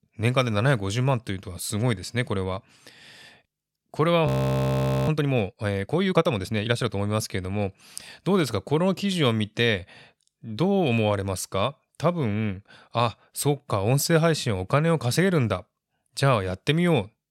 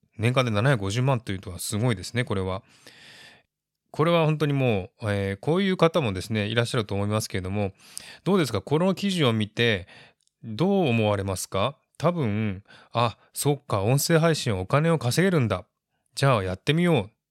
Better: second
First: audio freezing; at 4.5 s for 1 s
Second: none

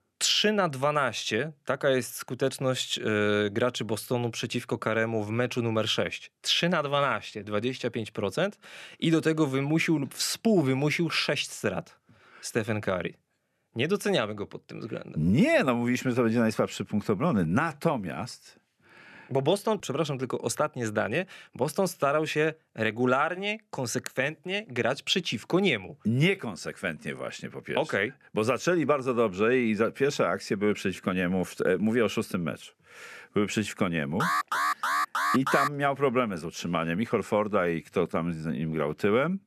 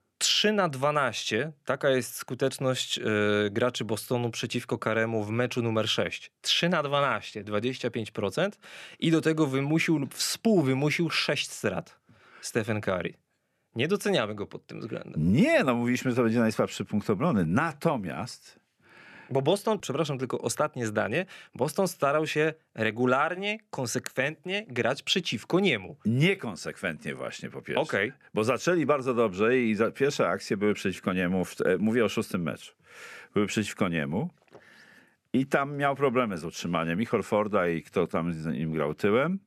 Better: second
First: alarm; loud; from 34 to 36 s; peak 1 dB above the speech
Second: none

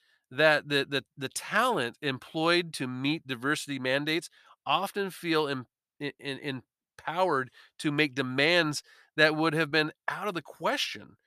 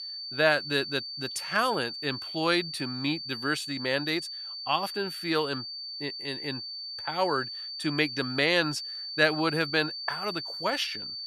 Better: first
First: none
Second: high-pitched whine; loud; throughout; 4.5 kHz, 6 dB below the speech

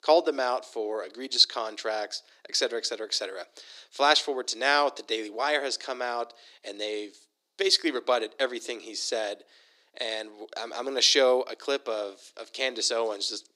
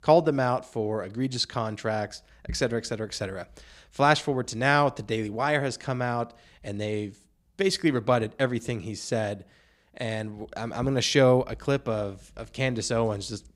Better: second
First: thin; somewhat; fading below 300 Hz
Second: none

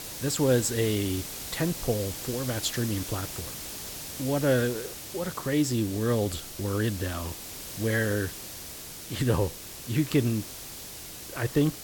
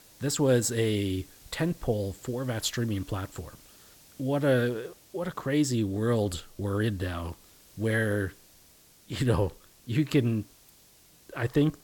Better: second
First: hiss; loud; throughout; 8 dB below the speech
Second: hiss; faint; throughout; 25 dB below the speech

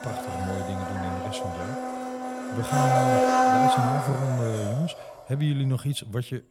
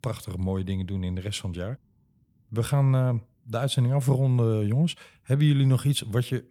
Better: second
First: household noises; very loud; throughout; 3 dB above the speech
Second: none

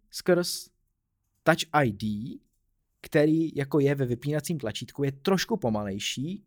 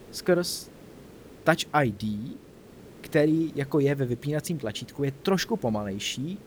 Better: first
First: none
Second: hiss; faint; throughout; 20 dB below the speech

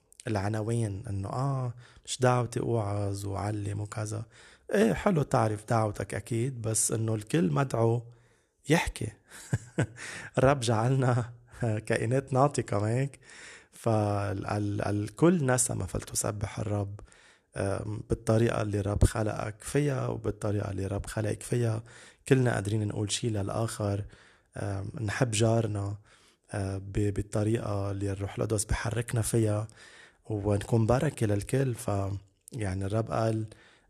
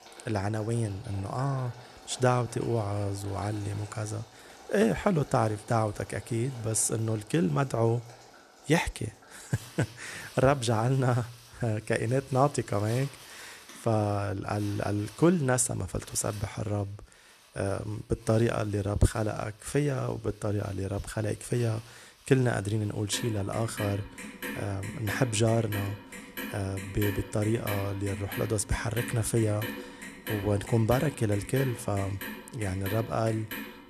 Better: first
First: none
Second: household noises; noticeable; throughout; 15 dB below the speech

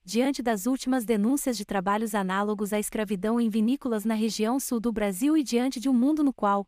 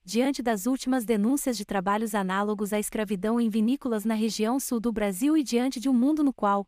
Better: neither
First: none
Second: none

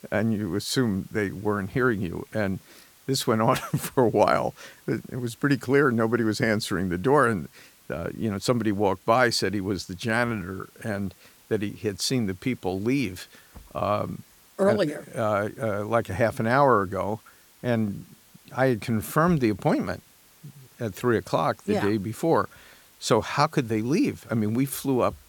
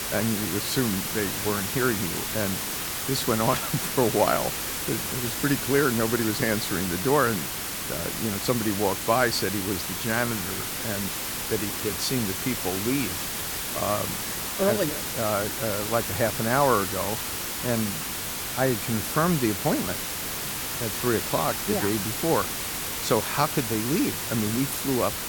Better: first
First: hiss; faint; throughout; 30 dB below the speech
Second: hiss; loud; throughout; 1 dB below the speech

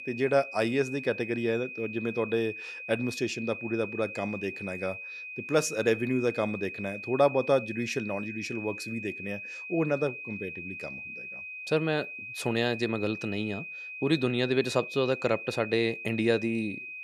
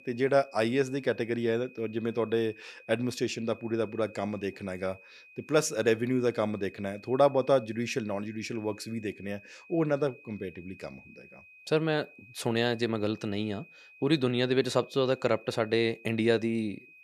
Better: second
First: high-pitched whine; loud; throughout; 2.5 kHz, 8 dB below the speech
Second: high-pitched whine; faint; throughout; 2.5 kHz, 25 dB below the speech

